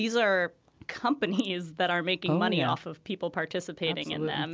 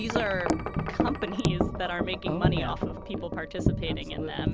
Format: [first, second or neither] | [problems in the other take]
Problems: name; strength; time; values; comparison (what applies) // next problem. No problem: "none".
first | background sound (Wind chime); 4 dB above the speech